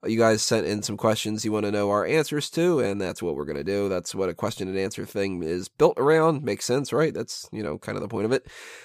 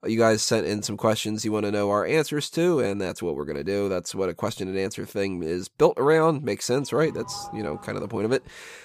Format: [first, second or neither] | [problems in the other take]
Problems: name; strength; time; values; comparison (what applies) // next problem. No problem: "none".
first | doorbell; faint; from 6.5 s on; peak 15 dB below the speech